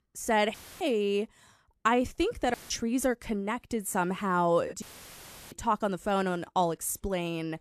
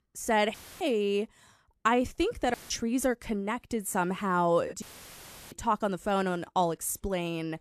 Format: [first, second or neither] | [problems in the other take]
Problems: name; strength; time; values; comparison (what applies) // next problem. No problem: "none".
neither | audio cutting out; filled with static; at 0.5 s, at 2.5 s and at 5 s for 0.5 s; the same in both